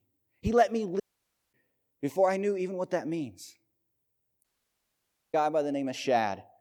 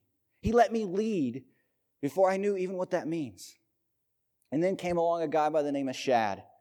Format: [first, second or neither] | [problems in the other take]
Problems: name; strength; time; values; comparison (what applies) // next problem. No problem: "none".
second | audio cutting out; at 1 s for 0.5 s and at 4.5 s for 1 s